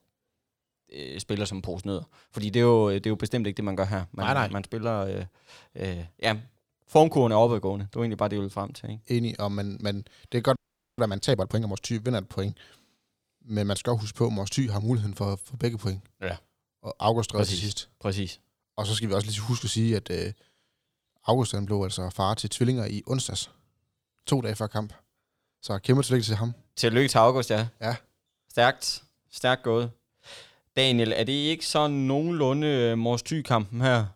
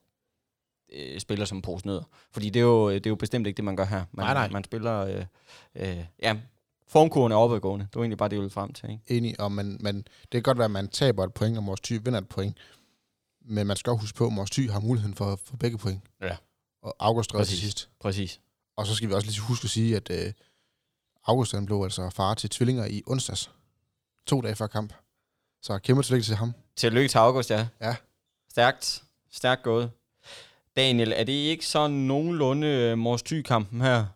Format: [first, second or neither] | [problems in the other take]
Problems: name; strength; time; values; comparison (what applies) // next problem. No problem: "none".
second | audio freezing; at 11 s